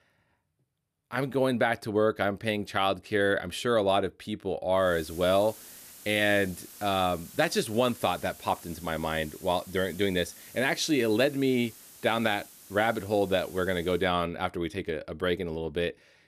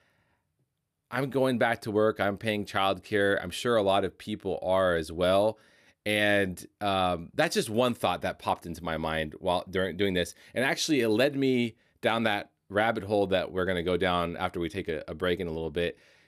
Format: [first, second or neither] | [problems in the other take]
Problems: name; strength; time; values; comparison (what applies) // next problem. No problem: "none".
second | hiss; noticeable; from 5 to 14 s; 20 dB below the speech